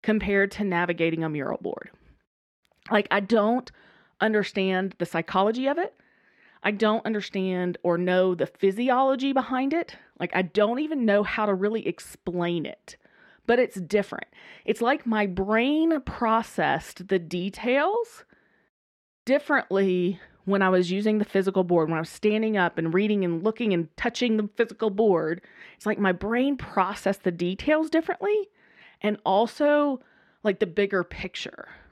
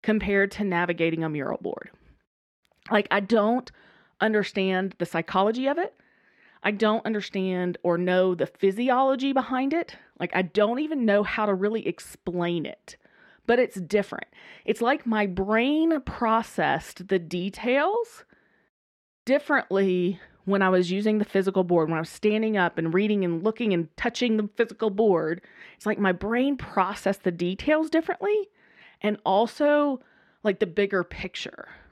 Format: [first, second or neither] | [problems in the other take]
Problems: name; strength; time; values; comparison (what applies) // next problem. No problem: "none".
neither | muffled; slightly; fading above 4 kHz; the same in both